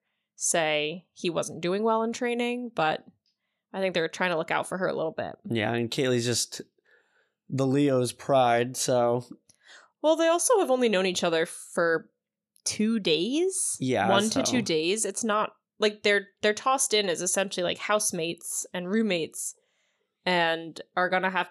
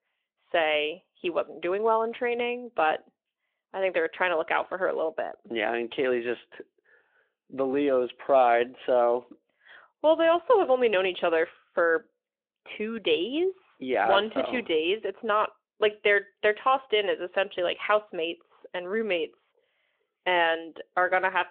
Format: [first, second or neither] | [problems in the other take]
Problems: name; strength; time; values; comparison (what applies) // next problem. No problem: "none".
first | phone-call audio